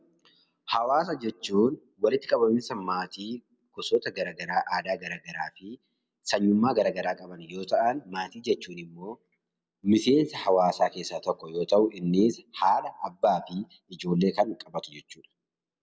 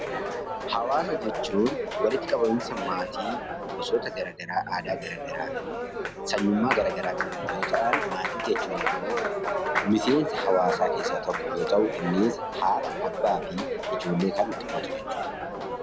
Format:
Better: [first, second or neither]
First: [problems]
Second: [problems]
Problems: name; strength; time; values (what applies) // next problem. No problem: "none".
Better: first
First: none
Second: background sound (Applause); 2 dB below the speech